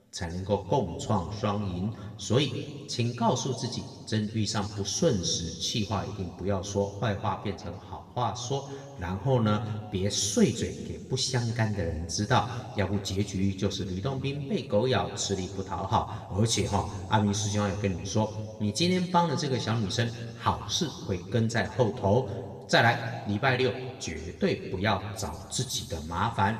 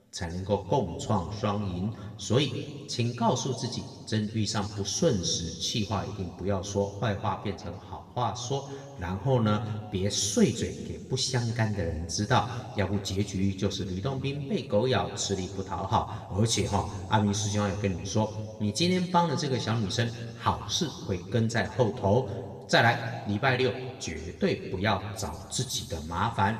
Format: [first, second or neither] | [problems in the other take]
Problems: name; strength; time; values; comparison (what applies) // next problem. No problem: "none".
neither | room echo; slight; dies away in 1.5 s; the same in both // off-mic speech; somewhat distant; the same in both